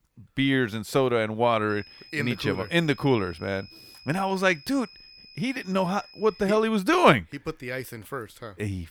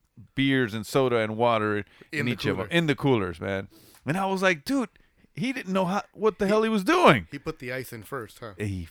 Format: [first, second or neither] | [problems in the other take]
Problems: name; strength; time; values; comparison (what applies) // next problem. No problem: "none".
second | high-pitched whine; faint; from 1.5 to 6.5 s; 5 kHz, 20 dB below the speech